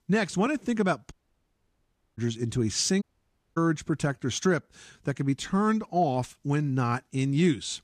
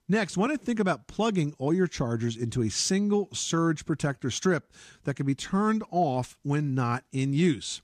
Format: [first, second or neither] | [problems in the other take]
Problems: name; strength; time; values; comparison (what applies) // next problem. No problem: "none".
second | audio cutting out; at 1 s for 1 s and at 3 s for 0.5 s